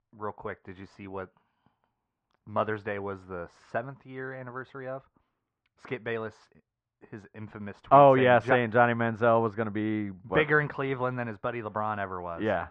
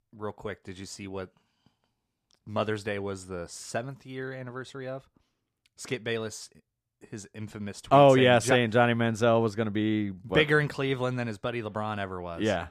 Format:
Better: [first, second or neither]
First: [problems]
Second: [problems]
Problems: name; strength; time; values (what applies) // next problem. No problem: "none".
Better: second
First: muffled; very; fading above 2 kHz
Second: none